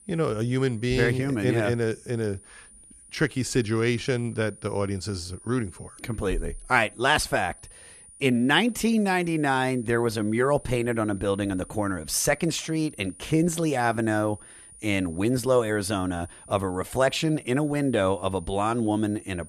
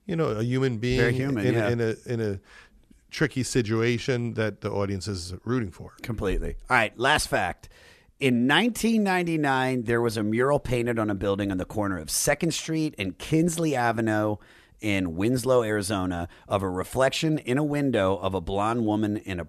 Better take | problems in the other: second | high-pitched whine; faint; throughout; 9.5 kHz, 20 dB below the speech

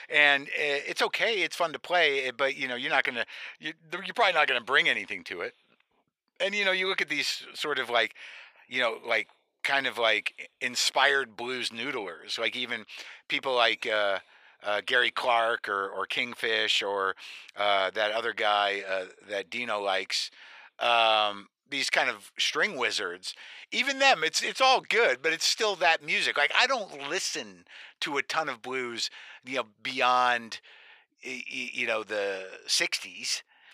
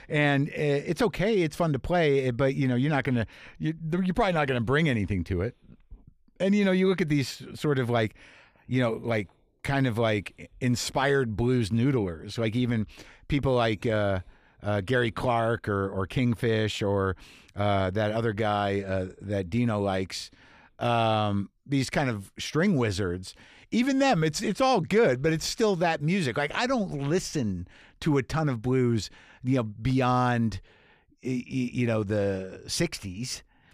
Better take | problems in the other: second | thin; very; fading below 700 Hz

